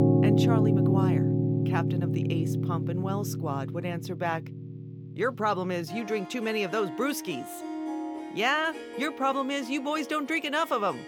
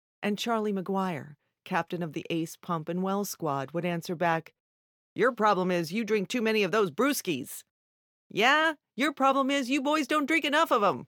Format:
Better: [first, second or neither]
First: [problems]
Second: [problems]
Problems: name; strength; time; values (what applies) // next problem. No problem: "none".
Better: second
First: background music; very loud; throughout; 2 dB above the speech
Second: none